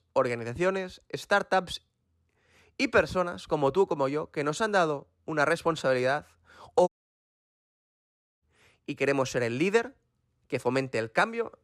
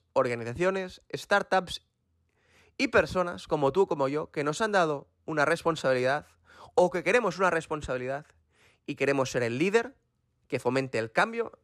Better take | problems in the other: second | audio cutting out; at 7 s for 1.5 s

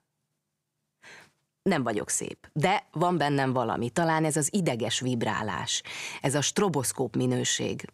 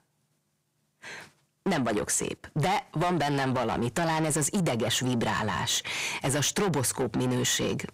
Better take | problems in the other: first | distortion; heavy; 7 dB below the speech

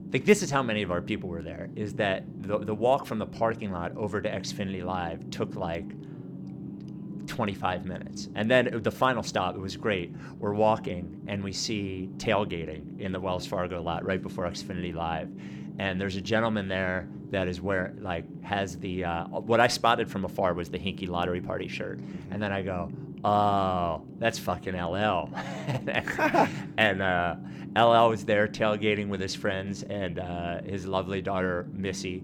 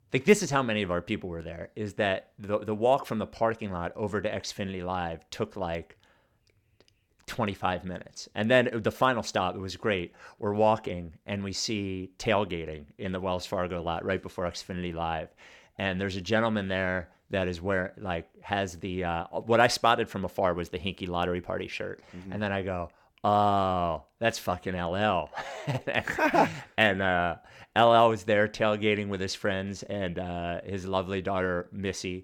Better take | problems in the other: second | low rumble; noticeable; throughout; 20 dB below the speech

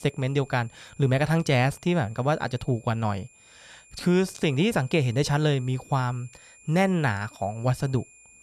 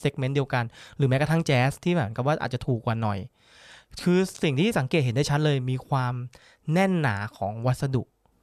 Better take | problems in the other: second | high-pitched whine; faint; throughout; 2.5 kHz, 25 dB below the speech

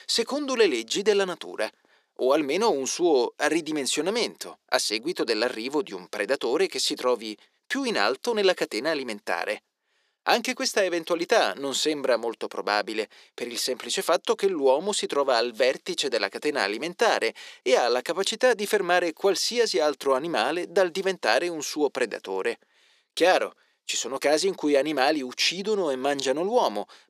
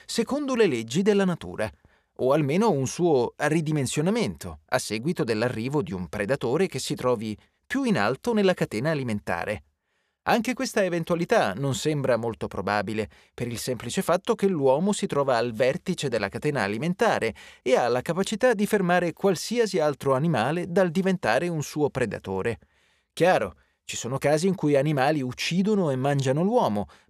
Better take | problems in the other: second | thin; somewhat; fading below 300 Hz

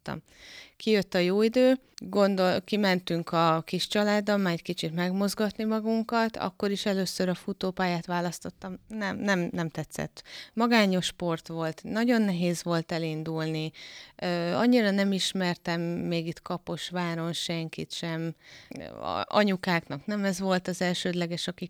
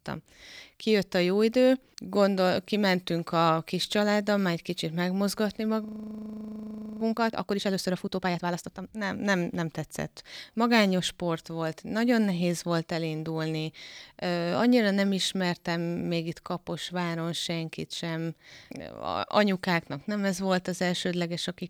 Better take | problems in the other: first | audio freezing; at 6 s for 1 s

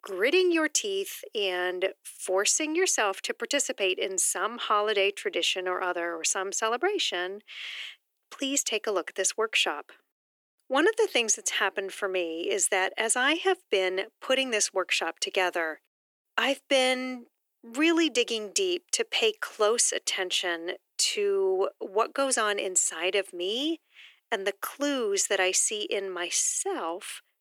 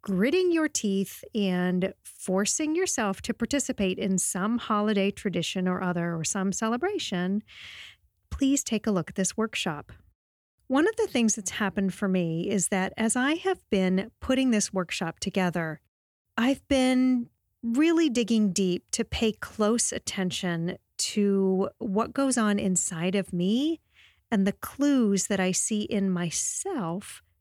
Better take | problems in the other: second | thin; very; fading below 350 Hz

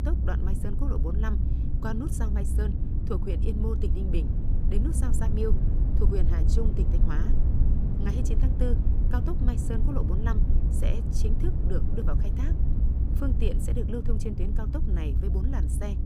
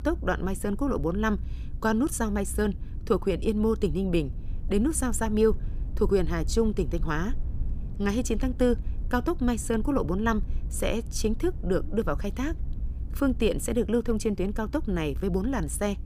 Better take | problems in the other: second | low rumble; loud; throughout; 3 dB below the speech; faint in the second

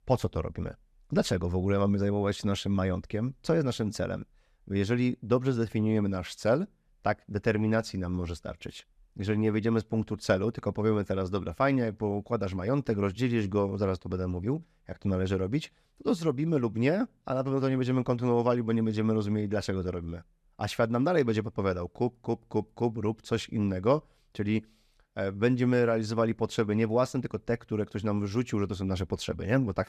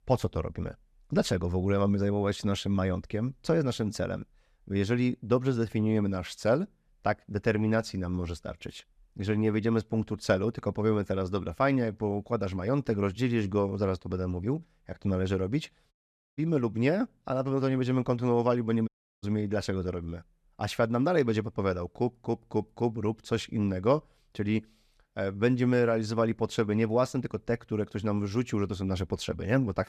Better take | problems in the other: first | audio cutting out; at 16 s and at 19 s

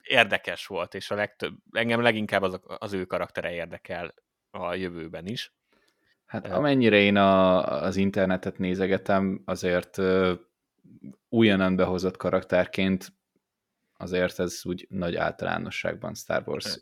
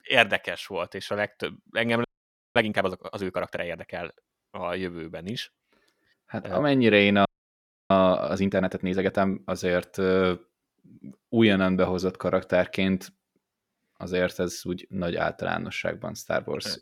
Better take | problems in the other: first | audio freezing; at 2 s for 0.5 s and at 7.5 s for 0.5 s

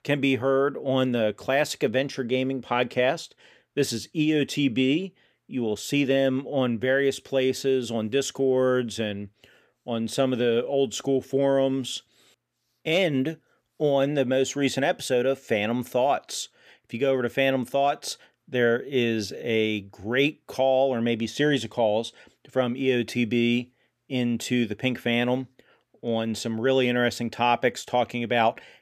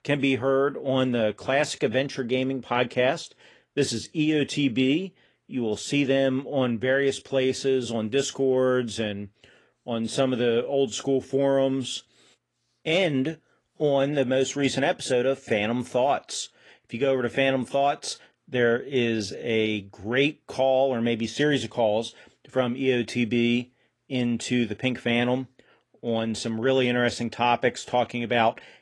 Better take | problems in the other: first | garbled, watery; slightly

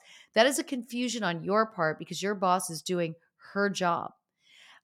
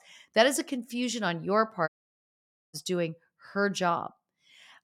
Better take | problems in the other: first | audio cutting out; at 2 s for 1 s

